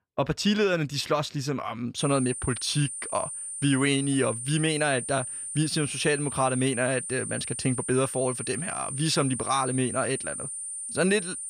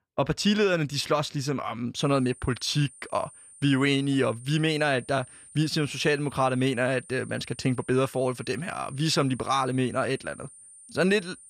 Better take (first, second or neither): second